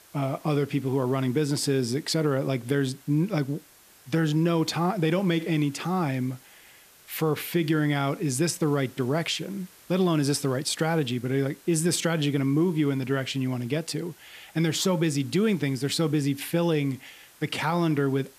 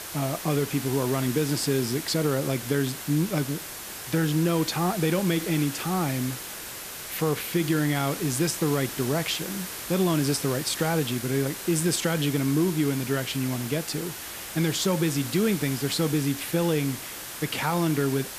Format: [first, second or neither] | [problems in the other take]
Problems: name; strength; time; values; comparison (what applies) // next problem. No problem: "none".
first | hiss; loud; throughout; 8 dB below the speech; faint in the first